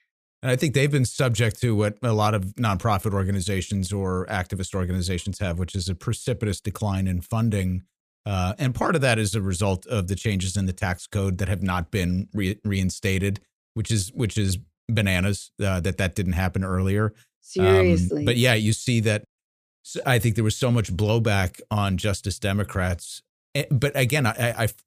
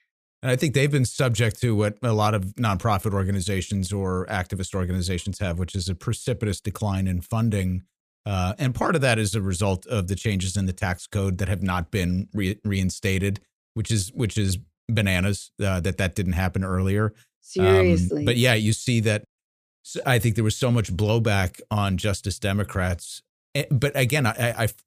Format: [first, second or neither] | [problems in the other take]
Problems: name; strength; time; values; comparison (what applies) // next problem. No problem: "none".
neither | none